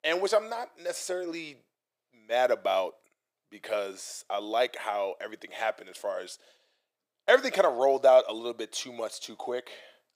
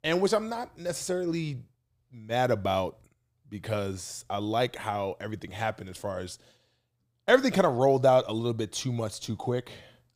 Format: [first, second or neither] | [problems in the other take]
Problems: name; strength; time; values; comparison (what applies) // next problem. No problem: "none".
second | thin; very; fading below 350 Hz